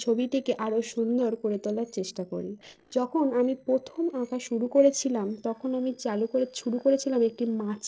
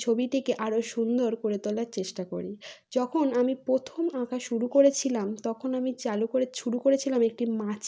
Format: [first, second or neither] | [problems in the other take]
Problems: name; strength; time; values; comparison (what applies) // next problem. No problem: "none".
second | noise reduction (neural separator model SepFormer DNS4)